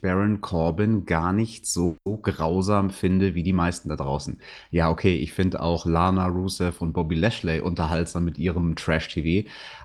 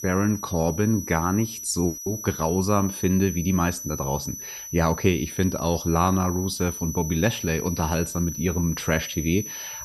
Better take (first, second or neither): first